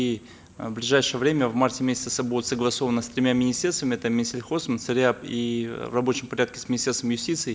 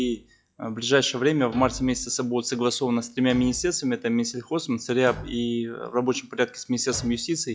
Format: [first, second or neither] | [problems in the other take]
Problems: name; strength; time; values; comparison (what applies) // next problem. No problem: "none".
first | noise reduction (classical method log-MMSE)